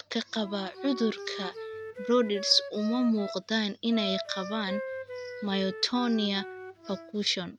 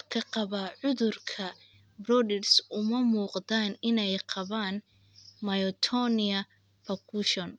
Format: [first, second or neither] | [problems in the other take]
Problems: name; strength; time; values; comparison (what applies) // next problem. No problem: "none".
second | background sound (Wind instrument, woodwind instrument); 10 dB below the speech